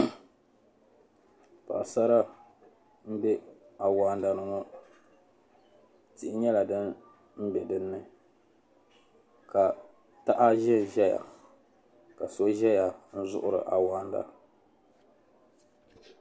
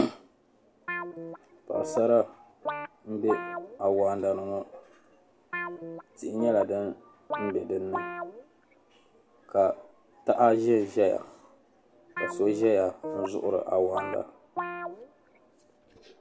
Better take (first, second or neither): first